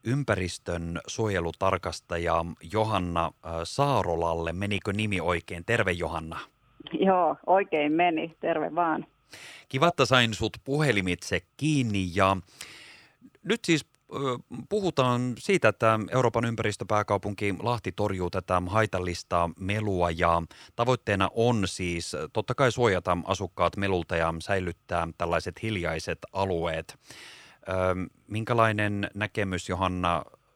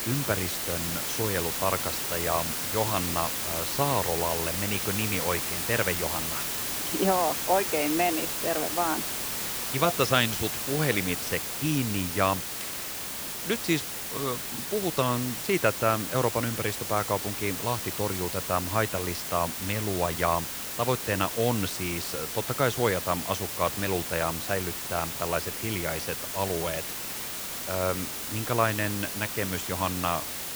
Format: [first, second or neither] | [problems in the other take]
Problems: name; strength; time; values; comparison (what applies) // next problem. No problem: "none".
first | hiss; loud; throughout; 1 dB below the speech